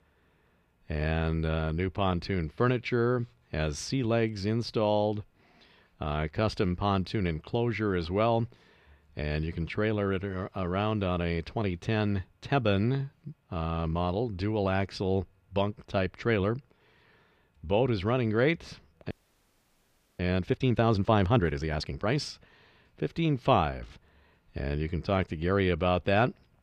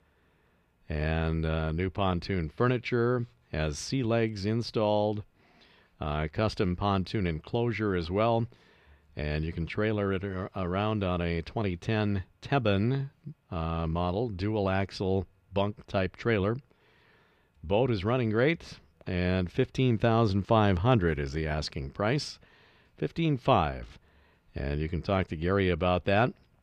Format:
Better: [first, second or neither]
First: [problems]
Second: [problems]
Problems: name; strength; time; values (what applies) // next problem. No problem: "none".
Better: second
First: audio freezing; at 19 s for 1 s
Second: none